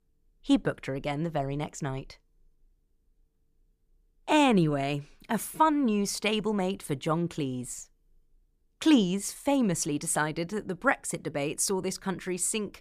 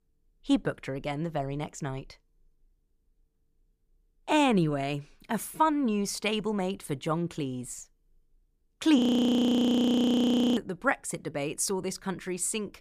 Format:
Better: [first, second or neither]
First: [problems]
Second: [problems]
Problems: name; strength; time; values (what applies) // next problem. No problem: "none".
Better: first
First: none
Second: audio freezing; at 9 s for 1.5 s